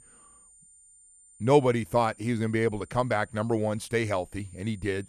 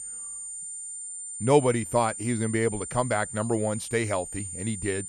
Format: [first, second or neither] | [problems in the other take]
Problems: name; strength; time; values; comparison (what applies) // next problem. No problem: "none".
first | high-pitched whine; loud; throughout; 9 kHz, 8 dB below the speech; faint in the first